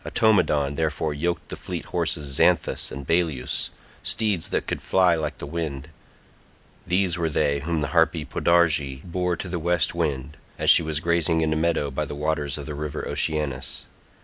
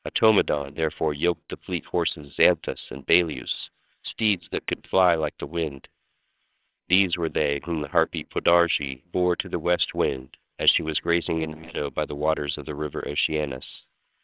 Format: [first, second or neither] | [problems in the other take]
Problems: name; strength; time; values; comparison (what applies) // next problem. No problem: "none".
first | noise reduction (neural separator model SepFormer WHAMR!)